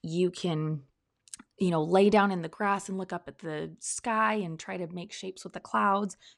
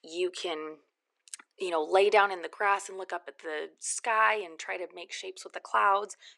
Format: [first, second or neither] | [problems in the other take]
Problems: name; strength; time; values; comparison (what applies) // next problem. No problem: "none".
first | thin; very; fading below 350 Hz